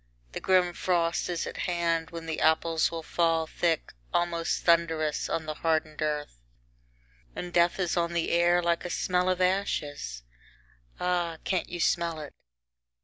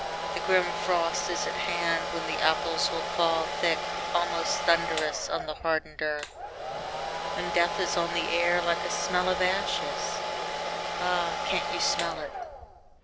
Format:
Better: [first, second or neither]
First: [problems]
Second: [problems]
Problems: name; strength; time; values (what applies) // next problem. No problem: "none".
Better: first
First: none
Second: background sound (Domestic sounds, home sounds); 2 dB below the speech